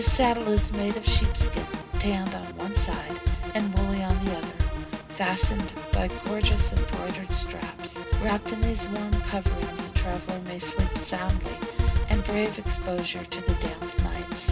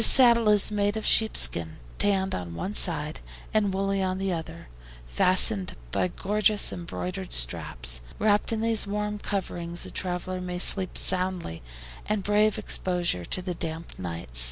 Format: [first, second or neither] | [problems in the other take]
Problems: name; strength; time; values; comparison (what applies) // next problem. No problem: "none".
second | background sound (Drum kit); 4 dB above the speech // room echo; dies away in 0.2 s